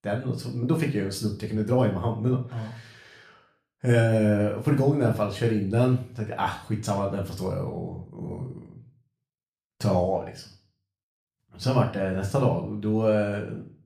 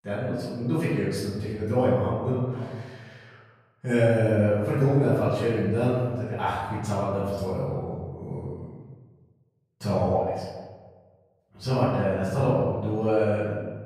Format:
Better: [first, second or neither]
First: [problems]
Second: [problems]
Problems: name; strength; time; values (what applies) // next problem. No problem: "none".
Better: first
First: room echo; slight; dies away in 0.4 s // off-mic speech; somewhat distant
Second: room echo; strong; dies away in 1.2 s // off-mic speech; far